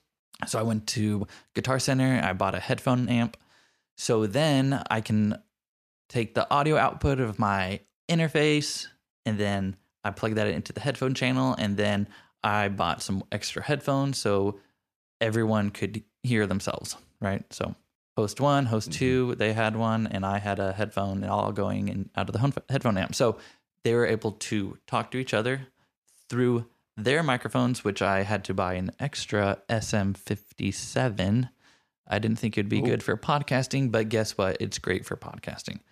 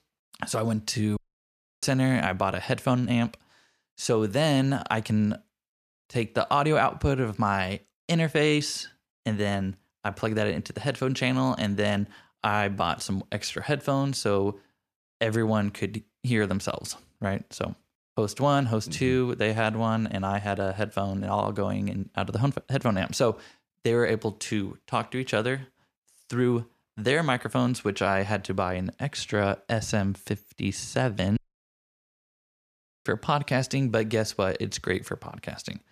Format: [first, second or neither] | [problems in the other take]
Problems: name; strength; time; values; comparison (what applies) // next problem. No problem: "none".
first | audio cutting out; at 1 s for 0.5 s and at 31 s for 1.5 s